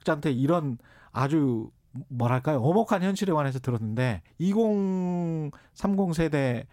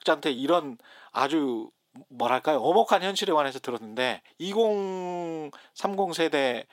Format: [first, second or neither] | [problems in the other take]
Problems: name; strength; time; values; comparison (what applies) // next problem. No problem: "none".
first | thin; somewhat; fading below 350 Hz